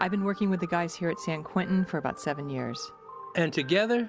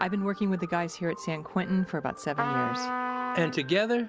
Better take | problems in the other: first | background sound (Trumpet); 4 dB below the speech

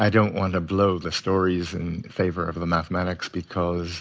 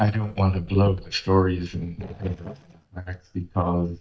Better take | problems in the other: first | noise reduction (neural mask model DeepFilterNet 3)

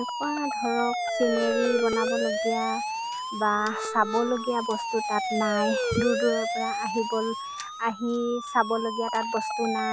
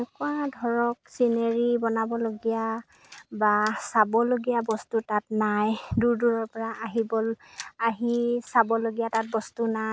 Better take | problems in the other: second | background sound (Siren); 2 dB below the speech

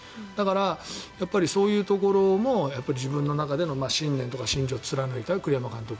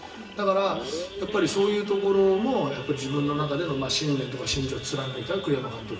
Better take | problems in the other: first | background sound (Idling / Sawing / Accelerating, revving, vroom); 11 dB below the speech // room echo; dies away in 0.7 s

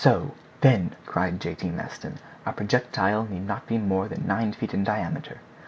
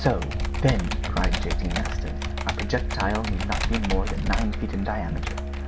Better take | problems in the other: first | background sound (Computer keyboard + Musical instrument); 3 dB above the speech

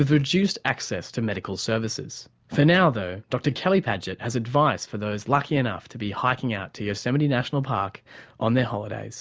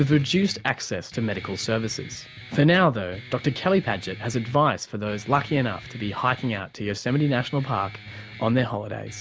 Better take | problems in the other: first | background sound (Guitar); 18 dB below the speech

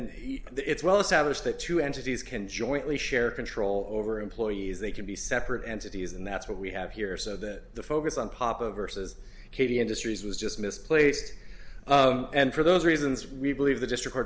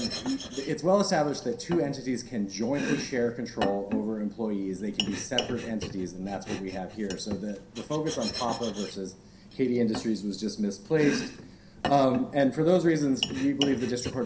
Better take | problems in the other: first | background sound (Domestic sounds, home sounds); 9 dB below the speech // room echo; dies away in 0.3 s

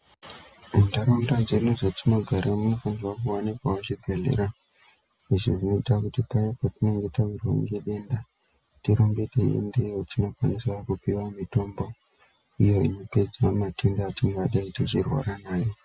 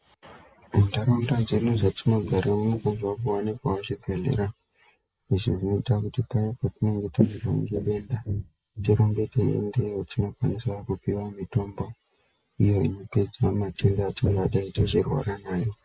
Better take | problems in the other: first | noise reduction (neural mask model Resemble Enhance denoiser)

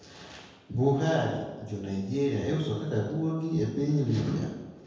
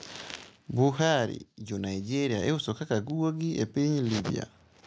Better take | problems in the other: second | room echo; dies away in 1.2 s

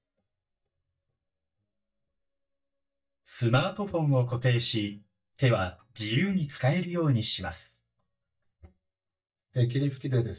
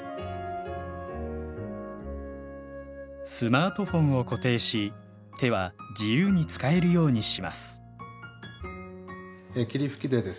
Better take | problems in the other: second | noise reduction (neural mask model DeepFilterNet 3)

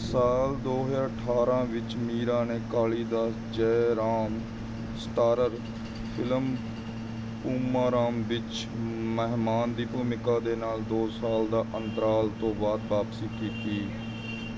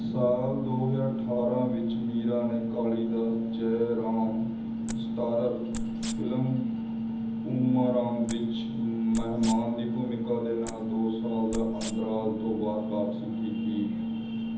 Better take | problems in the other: first | background sound (Wild animals); 14 dB below the speech // room echo; dies away in 1.3 s

